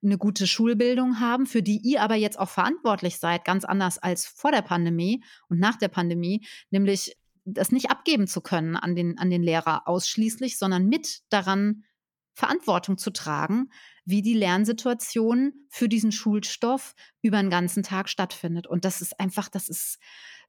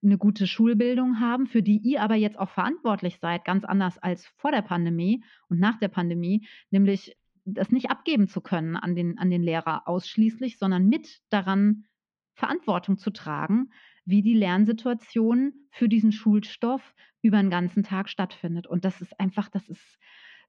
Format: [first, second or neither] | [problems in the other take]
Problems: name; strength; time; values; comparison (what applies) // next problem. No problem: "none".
first | muffled; slightly; fading above 3.5 kHz